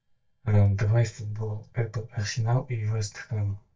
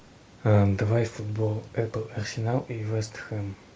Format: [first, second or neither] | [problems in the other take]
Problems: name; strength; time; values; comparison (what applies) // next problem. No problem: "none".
second | noise reduction (neural mask model DeepFilterNet 3)